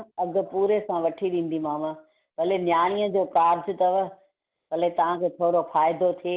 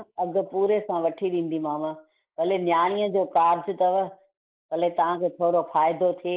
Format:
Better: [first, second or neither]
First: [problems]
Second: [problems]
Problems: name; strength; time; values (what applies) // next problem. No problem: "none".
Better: first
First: none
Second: noise reduction (neural mask model Resemble Enhance denoiser)